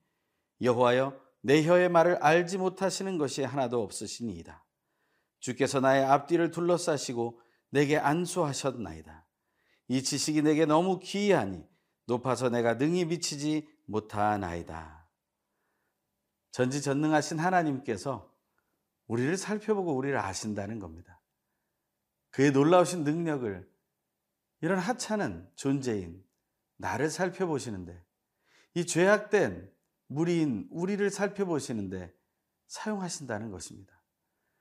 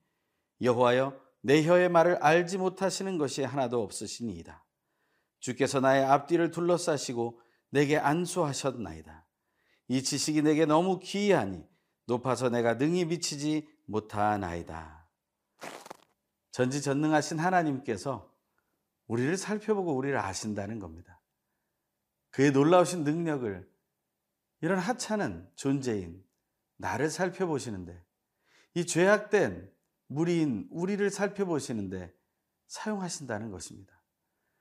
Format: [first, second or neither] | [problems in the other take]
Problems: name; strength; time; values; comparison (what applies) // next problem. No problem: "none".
first | footsteps; faint; at 16 s; peak 15 dB below the speech